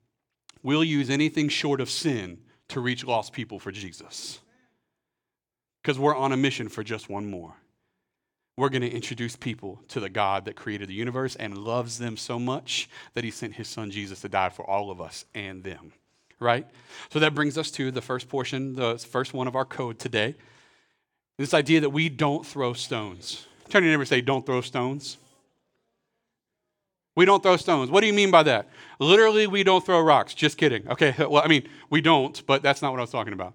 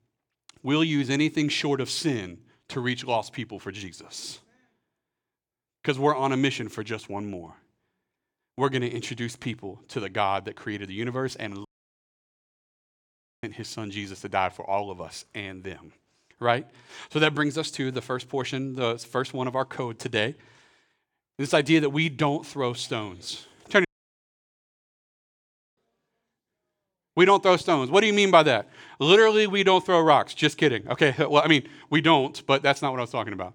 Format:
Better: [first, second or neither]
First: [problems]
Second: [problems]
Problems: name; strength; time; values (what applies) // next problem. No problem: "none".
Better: first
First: none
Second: audio cutting out; at 12 s for 2 s and at 24 s for 2 s